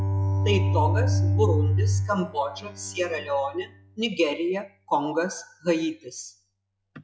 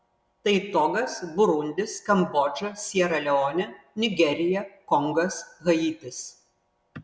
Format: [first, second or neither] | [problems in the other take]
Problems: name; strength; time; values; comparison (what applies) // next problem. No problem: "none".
second | noise reduction (classical method log-MMSE)